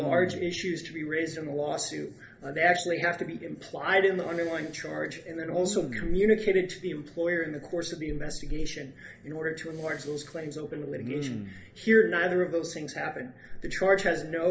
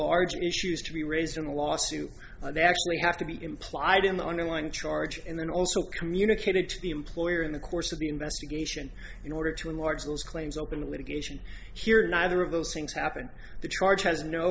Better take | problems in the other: second | background sound (Respiratory sounds); 10 dB below the speech // room echo; dies away in 0.3 s

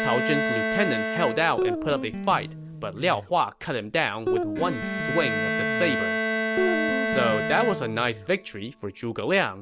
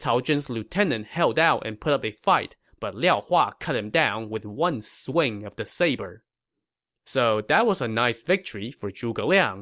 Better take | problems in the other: second | background sound (Guitar + Bowed string instrument); 1 dB below the speech

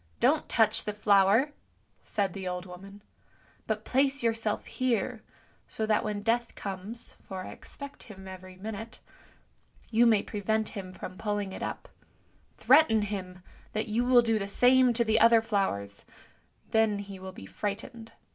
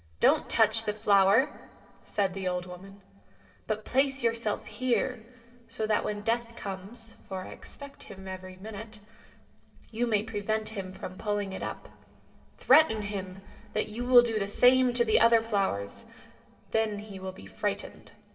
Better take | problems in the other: first | room echo; dies away in 2.6 s

